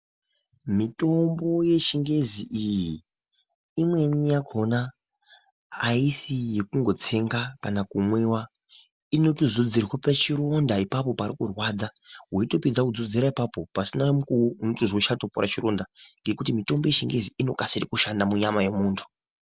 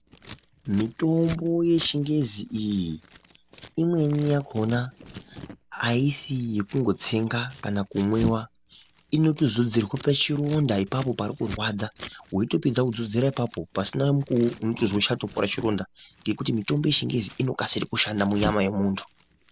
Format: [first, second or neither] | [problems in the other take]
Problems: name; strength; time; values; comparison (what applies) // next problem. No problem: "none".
first | background sound (Scissors); 17 dB below the speech